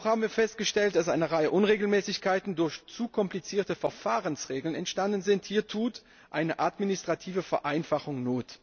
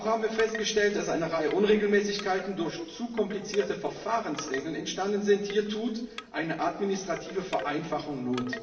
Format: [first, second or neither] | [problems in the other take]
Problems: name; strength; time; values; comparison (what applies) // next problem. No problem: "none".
first | background sound (Wind chime / Wood); 16 dB below the speech // room echo; dies away in 1.1 s